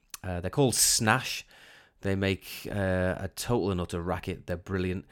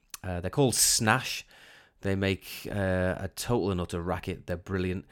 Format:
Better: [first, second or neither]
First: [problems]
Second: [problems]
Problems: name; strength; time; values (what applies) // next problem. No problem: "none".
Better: neither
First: none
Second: none